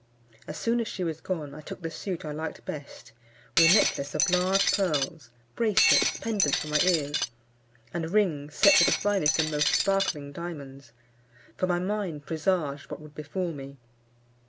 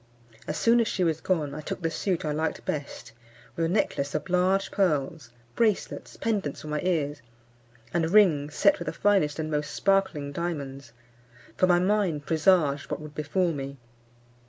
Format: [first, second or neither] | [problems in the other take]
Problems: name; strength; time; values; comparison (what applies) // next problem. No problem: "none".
second | background sound (Shatter); 3 dB above the speech